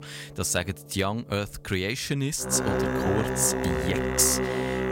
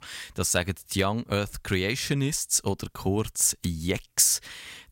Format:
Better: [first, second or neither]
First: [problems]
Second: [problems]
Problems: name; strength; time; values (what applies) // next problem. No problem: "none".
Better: second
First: background music; loud; throughout; 1 dB below the speech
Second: none